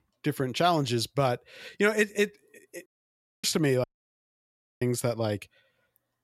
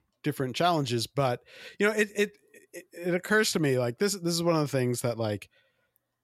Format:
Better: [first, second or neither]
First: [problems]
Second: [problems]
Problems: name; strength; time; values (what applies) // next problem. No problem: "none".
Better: second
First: audio cutting out; at 3 s for 0.5 s and at 4 s for 1 s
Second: none